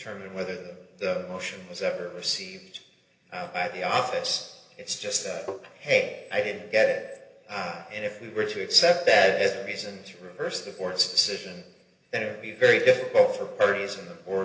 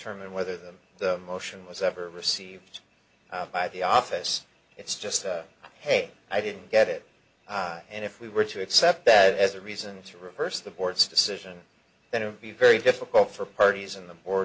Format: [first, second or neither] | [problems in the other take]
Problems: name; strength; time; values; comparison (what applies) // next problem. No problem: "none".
second | noise reduction (neural separator model SepFormer DNS4)